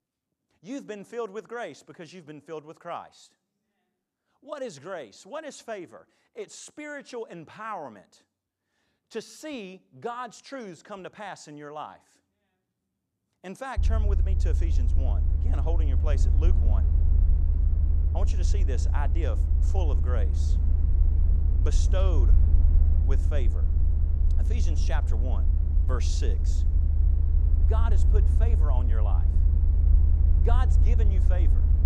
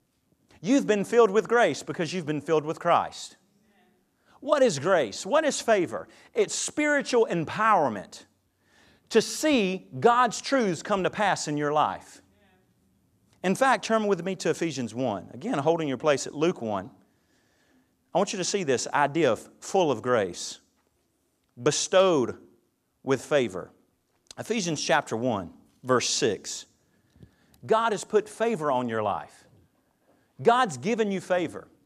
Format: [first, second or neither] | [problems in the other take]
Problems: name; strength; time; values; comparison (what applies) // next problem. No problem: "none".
second | low rumble; loud; from 14 s on; 5 dB below the speech